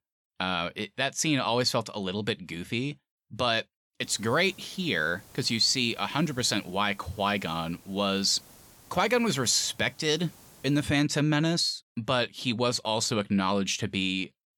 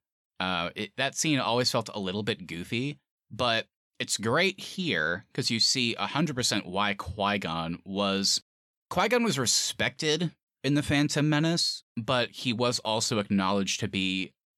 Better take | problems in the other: second | hiss; faint; from 4 to 11 s; 25 dB below the speech

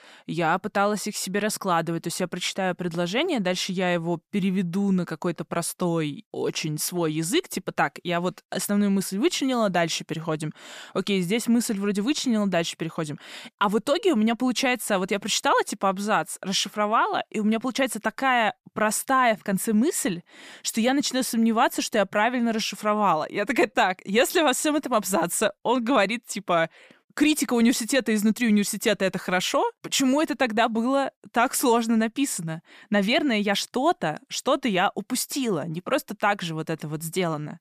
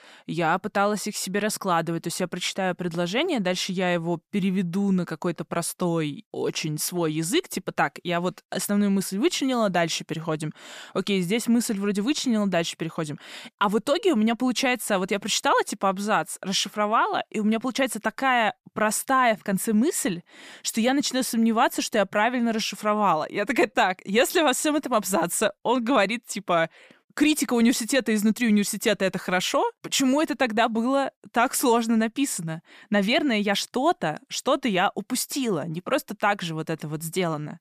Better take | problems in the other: neither | none

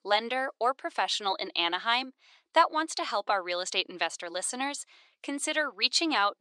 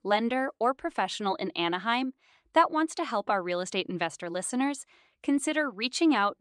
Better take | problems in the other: second | thin; somewhat; fading below 500 Hz

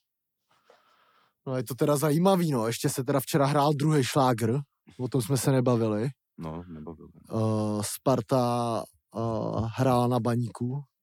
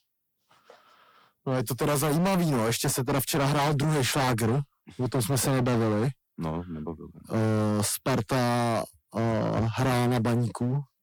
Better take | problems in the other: first | distortion; heavy; 24% of the sound clipped

